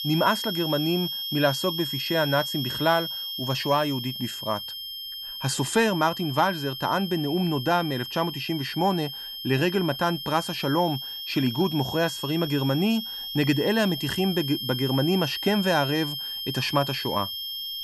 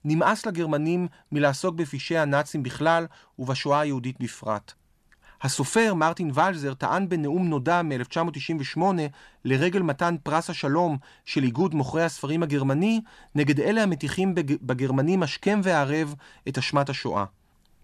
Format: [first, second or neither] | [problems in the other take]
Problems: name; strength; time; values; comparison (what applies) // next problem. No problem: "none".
second | high-pitched whine; loud; throughout; 3 kHz, 5 dB below the speech